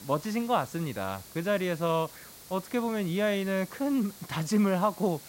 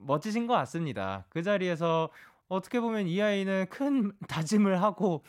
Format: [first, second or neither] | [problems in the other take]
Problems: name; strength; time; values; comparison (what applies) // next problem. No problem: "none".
second | hiss; noticeable; throughout; 15 dB below the speech